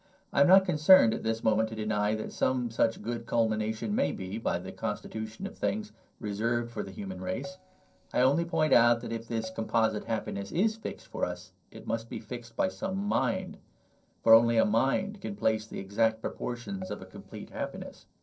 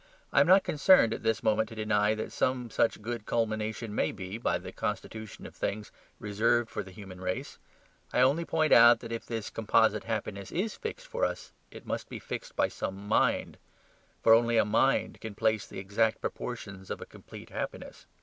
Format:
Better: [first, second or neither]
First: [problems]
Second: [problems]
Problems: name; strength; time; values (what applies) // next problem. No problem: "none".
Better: second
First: noise reduction (neural separator model SepFormer DNS4)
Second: none